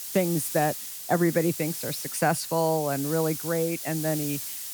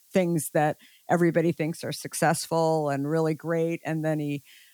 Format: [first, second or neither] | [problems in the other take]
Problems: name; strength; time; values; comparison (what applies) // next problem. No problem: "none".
second | hiss; loud; throughout; 6 dB below the speech; faint in the second